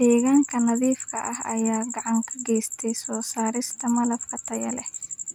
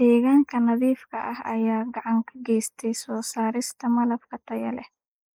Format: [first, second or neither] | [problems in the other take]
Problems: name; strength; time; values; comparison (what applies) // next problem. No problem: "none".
first | noise reduction (neural mask model Resemble Enhance denoiser)